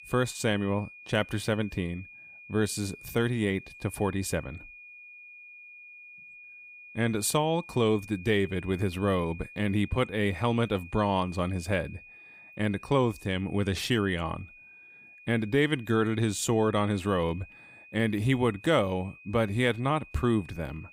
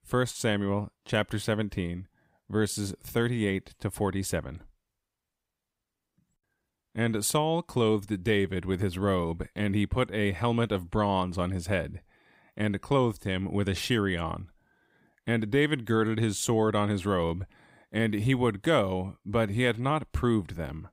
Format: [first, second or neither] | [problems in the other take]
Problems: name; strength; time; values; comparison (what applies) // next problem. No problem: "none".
second | high-pitched whine; noticeable; throughout; 2.5 kHz, 20 dB below the speech